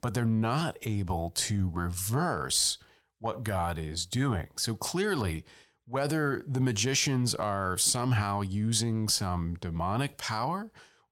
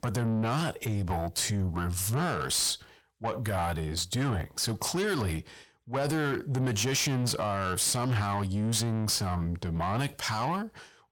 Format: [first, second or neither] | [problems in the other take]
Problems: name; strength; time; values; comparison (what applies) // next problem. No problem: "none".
first | distortion; slight; 10 dB below the speech